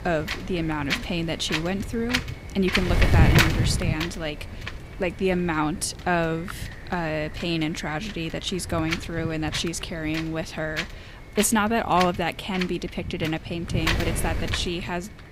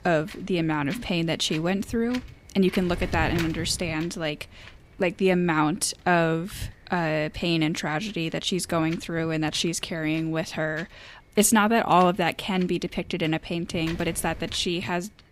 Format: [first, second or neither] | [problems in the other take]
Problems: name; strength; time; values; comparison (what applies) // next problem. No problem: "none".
second | wind noise on the microphone; heavy; 2 dB below the speech; occasional gusts in the second